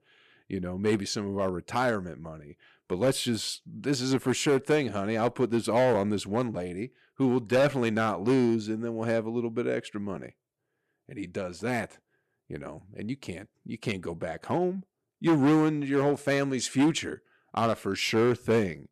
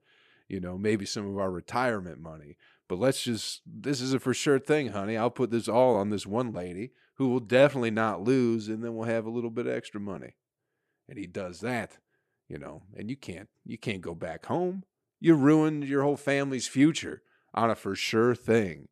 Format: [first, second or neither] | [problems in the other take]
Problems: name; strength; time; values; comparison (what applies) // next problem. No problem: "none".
second | distortion; slight; 4% of the sound clipped